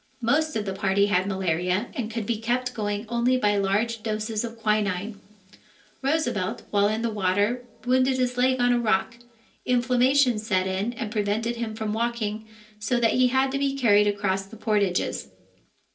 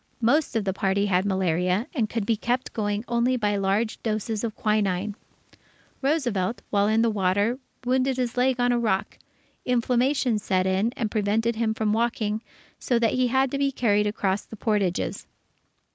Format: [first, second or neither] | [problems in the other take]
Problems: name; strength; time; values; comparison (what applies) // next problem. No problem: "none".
second | room echo; dies away in 0.3 s